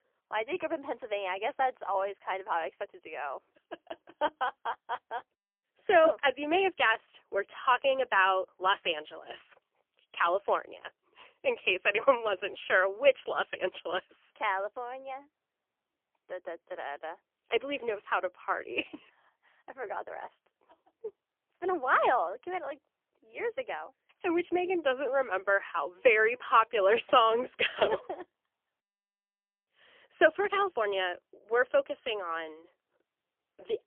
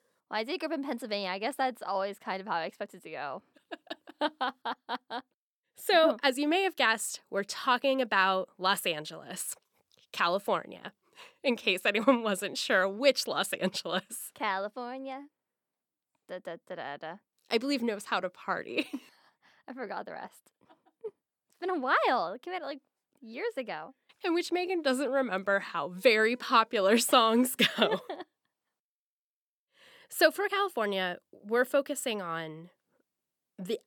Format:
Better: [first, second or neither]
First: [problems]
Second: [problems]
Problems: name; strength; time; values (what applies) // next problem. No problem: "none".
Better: second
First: phone-call audio; poor line; nothing above 3 kHz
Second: none